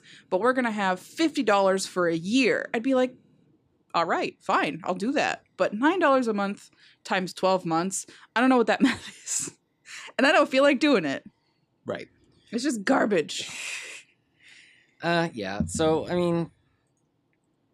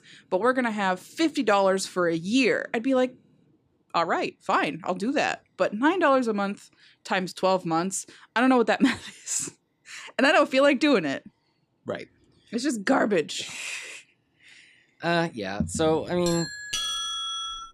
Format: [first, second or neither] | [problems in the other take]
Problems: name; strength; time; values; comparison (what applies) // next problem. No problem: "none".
first | doorbell; noticeable; from 16 s on; peak 1 dB below the speech